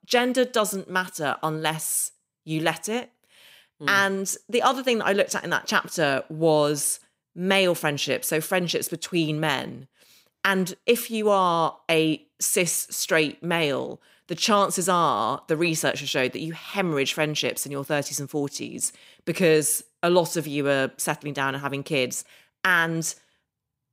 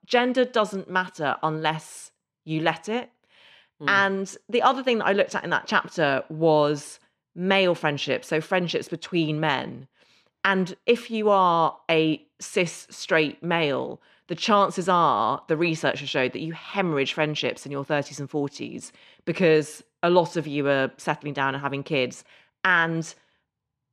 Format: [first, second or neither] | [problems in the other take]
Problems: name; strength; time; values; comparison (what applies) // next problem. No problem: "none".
first | muffled; slightly; fading above 3.5 kHz